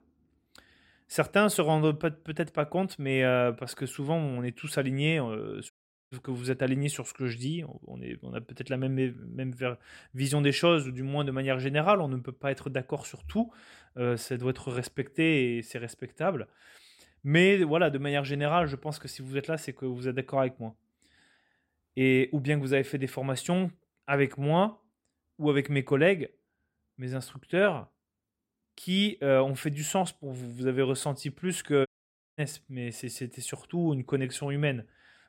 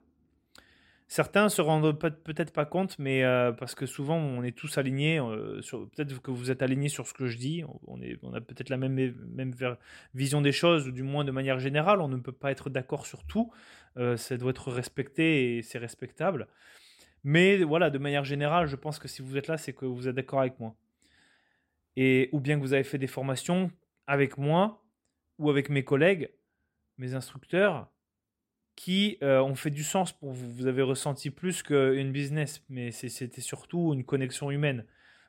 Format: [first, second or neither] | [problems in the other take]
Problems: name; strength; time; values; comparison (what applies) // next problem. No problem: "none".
second | audio cutting out; at 5.5 s and at 32 s for 0.5 s